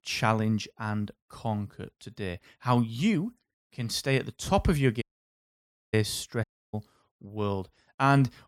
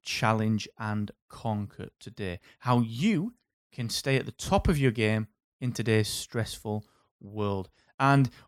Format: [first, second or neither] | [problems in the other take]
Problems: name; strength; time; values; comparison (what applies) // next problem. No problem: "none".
second | audio cutting out; at 5 s for 1 s and at 6.5 s